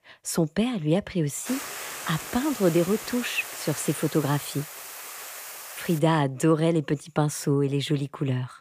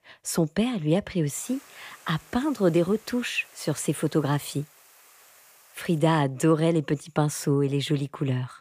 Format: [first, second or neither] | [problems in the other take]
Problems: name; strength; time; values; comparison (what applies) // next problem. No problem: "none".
second | hiss; loud; from 1.5 to 6 s; 10 dB below the speech; faint in the second